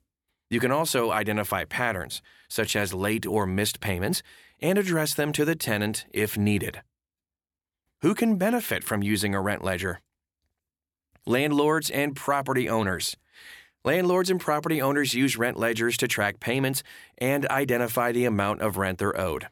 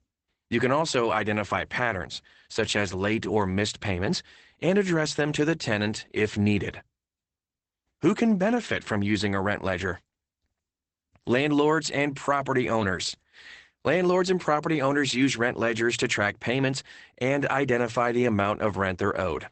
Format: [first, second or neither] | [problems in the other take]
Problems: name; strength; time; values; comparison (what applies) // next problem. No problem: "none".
first | garbled, watery; badly; nothing above 8 kHz